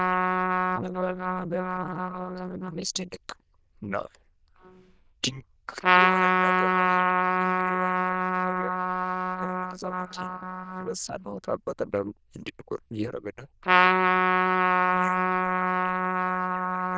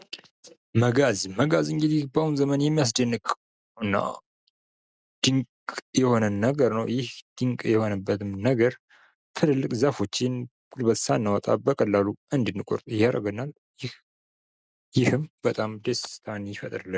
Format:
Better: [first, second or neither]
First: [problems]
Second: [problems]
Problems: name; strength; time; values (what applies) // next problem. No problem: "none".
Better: second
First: noise reduction (neural diffusion model UNIVERSE++)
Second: none